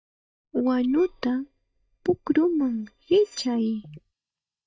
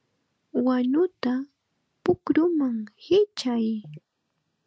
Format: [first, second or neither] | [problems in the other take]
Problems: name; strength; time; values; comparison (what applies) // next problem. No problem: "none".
second | noise reduction (neural mask model DeepFilterNet 3)